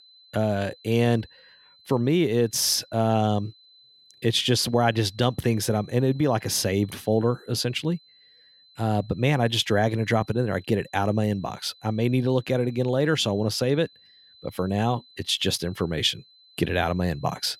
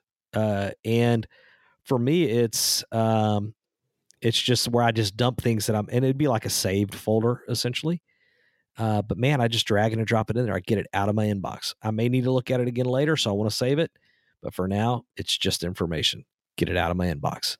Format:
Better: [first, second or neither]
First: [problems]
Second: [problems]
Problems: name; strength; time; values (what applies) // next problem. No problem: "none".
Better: second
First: high-pitched whine; faint; throughout; 4 kHz, 25 dB below the speech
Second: none